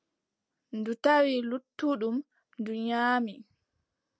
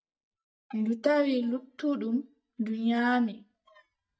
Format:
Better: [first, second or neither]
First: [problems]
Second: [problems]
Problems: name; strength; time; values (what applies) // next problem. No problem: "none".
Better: first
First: none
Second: noise reduction (neural mask model DeepFilterNet 3)